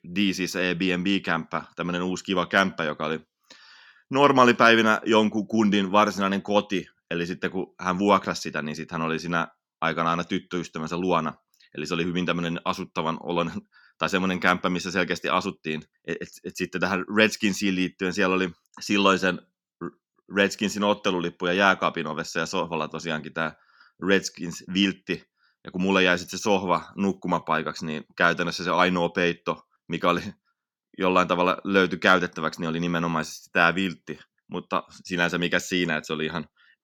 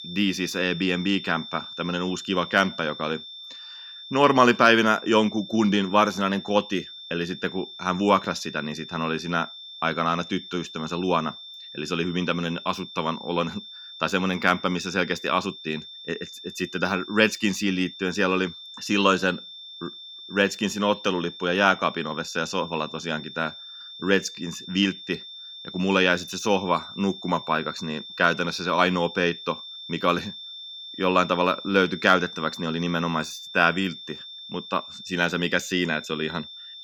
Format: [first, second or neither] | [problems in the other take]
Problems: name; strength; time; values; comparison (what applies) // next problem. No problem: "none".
first | high-pitched whine; noticeable; throughout; 3.5 kHz, 15 dB below the speech